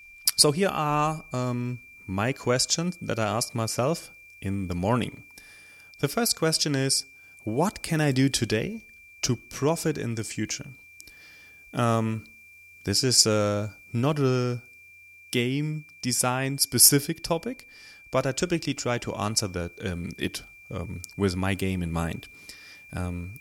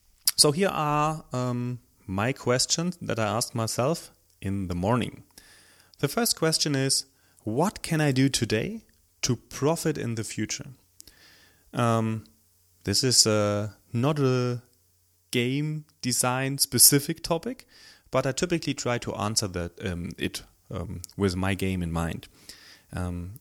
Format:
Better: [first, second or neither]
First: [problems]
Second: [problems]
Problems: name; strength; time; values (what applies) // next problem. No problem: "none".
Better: second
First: high-pitched whine; faint; throughout; 2.5 kHz, 20 dB below the speech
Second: none